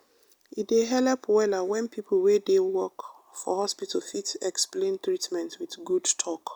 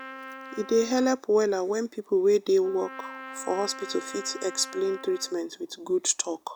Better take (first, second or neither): first